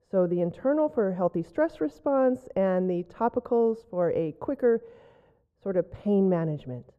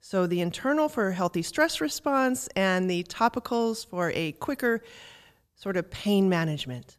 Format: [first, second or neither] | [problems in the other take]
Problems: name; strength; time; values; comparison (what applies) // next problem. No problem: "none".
second | muffled; very; fading above 2 kHz